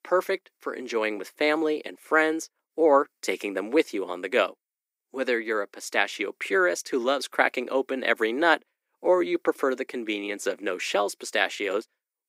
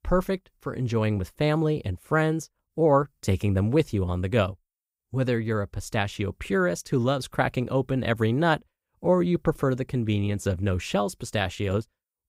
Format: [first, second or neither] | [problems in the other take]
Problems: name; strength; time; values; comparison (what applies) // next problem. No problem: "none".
second | thin; somewhat; fading below 300 Hz